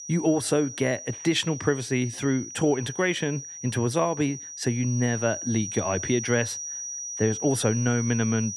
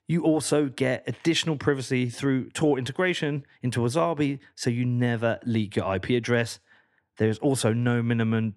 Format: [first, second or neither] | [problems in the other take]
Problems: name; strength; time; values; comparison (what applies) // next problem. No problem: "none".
second | high-pitched whine; loud; throughout; 6 kHz, 8 dB below the speech